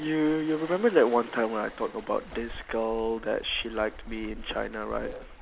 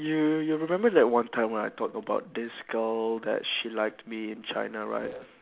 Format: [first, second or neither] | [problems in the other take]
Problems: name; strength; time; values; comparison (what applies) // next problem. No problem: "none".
second | background sound (Waves, surf); 15 dB below the speech